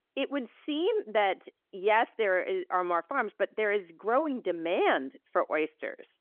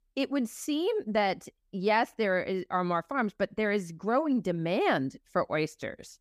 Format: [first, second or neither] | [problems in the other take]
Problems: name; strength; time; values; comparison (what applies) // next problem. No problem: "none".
second | phone-call audio; nothing above 3.5 kHz